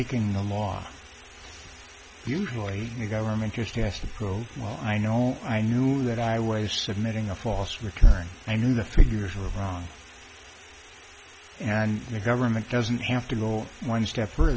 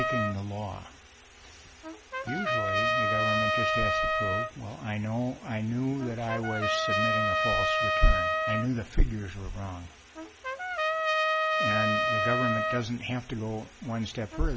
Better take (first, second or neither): first